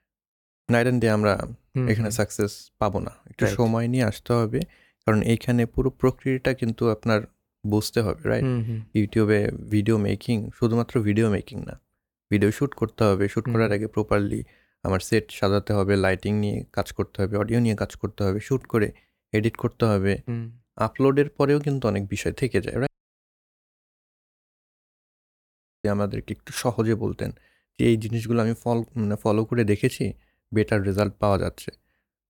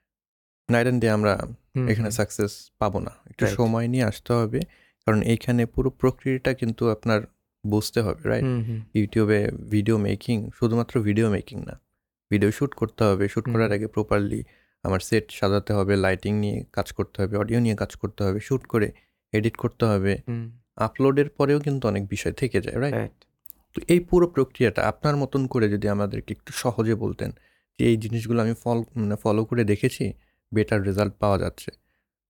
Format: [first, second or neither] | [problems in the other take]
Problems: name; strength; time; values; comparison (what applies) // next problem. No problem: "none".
second | audio cutting out; at 23 s for 3 s